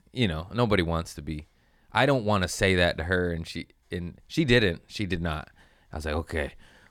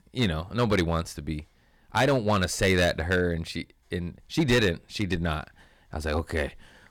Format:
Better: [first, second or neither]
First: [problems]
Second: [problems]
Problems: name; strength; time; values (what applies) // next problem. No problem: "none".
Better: first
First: none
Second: distortion; slight; 3% of the sound clipped